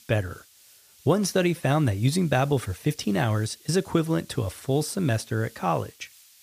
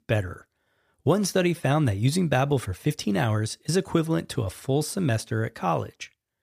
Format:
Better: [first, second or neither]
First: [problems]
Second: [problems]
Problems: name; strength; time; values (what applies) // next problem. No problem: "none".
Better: second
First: hiss; faint; throughout; 25 dB below the speech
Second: none